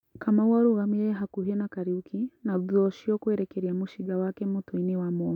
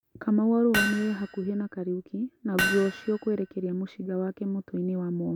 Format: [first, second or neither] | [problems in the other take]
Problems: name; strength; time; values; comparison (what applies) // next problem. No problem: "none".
first | background sound (Hammer); 5 dB below the speech